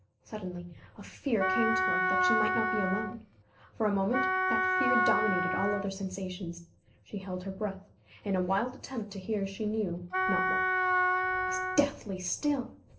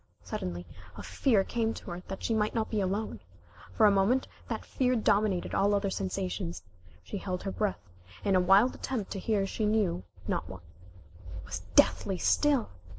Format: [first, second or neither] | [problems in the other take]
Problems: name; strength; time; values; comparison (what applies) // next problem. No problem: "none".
second | background sound (Wind instrument, woodwind instrument); 4 dB above the speech // room echo; dies away in 0.3 s